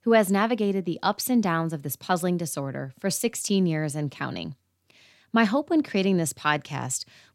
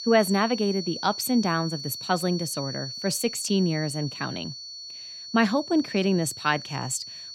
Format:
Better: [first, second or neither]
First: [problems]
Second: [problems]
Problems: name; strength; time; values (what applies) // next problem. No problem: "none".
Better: first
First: none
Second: high-pitched whine; loud; throughout; 4.5 kHz, 9 dB below the speech